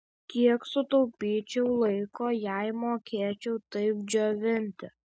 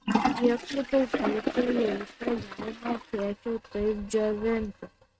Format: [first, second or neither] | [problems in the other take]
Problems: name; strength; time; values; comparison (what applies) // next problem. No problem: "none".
first | noise reduction (neural mask model RNNoise)